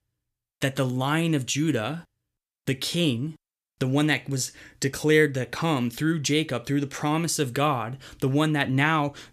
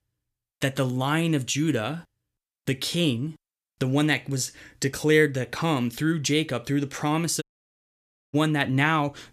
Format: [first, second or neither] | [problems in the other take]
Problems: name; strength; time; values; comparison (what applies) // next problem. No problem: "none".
first | audio cutting out; at 7.5 s for 1 s